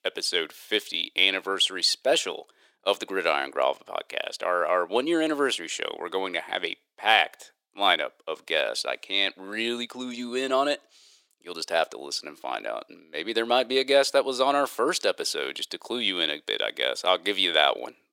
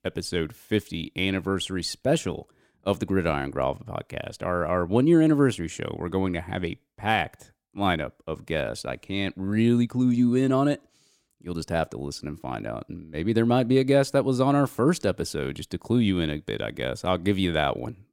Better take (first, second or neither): second